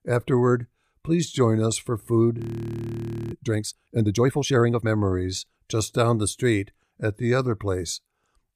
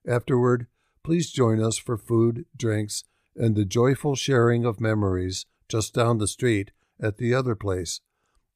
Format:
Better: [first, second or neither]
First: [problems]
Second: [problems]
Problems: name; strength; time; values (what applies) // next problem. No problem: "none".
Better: second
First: audio freezing; at 2.5 s for 1 s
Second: none